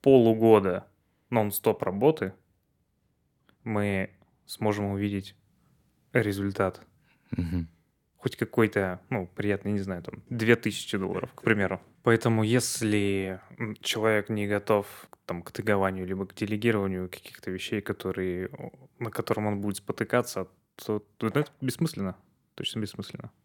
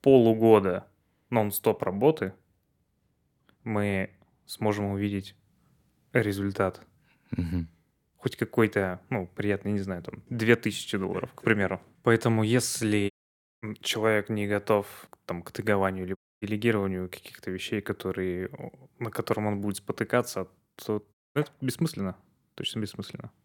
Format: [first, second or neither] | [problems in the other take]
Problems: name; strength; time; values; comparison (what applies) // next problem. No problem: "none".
first | audio cutting out; at 13 s for 0.5 s, at 16 s and at 21 s